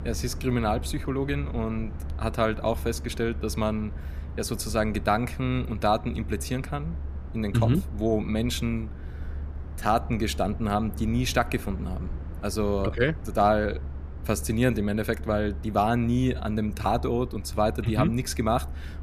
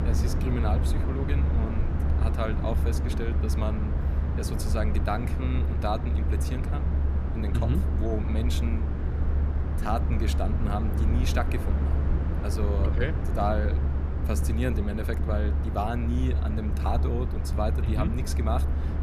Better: first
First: low rumble; faint; throughout; 20 dB below the speech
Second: low rumble; loud; throughout; 5 dB below the speech

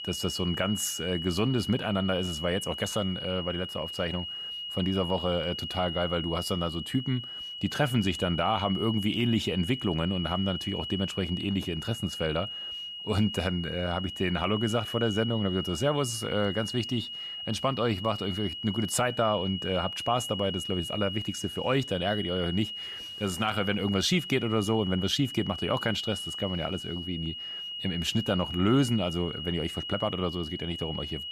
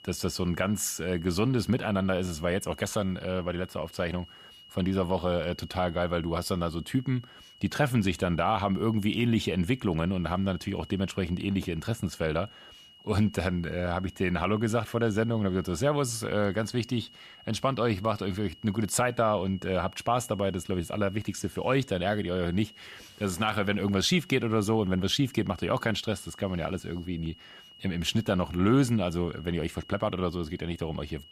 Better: second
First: high-pitched whine; loud; throughout; 3 kHz, 6 dB below the speech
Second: high-pitched whine; faint; throughout; 3 kHz, 20 dB below the speech

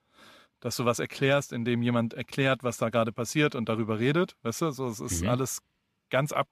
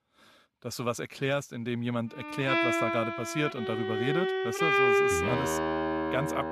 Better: first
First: none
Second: background music; very loud; from 2.5 s on; 4 dB above the speech

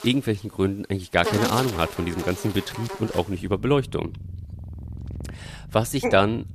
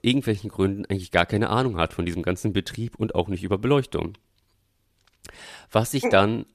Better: second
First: animal sounds; loud; throughout; 10 dB below the speech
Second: none

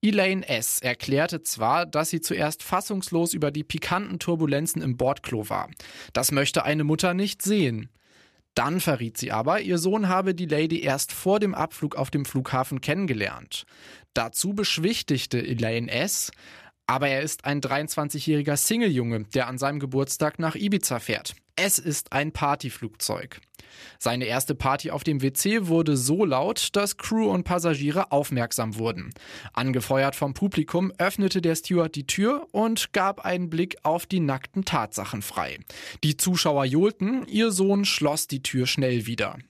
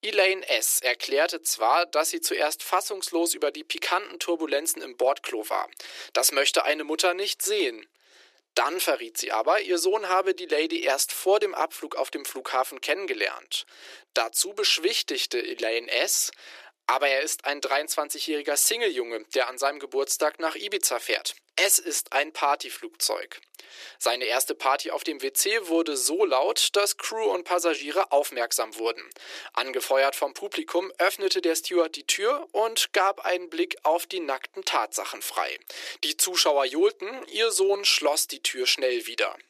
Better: first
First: none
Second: thin; very; fading below 350 Hz

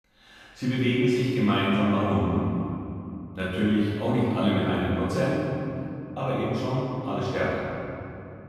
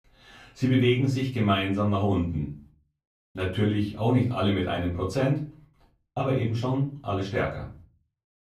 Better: second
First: room echo; strong; dies away in 2.7 s // off-mic speech; far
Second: room echo; slight; dies away in 0.4 s // off-mic speech; far

